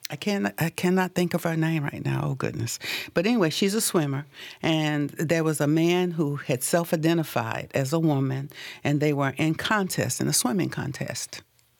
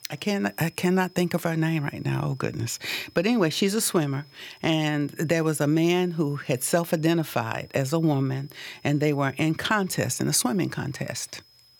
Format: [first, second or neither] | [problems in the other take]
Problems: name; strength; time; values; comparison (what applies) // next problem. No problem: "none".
first | high-pitched whine; faint; throughout; 5 kHz, 30 dB below the speech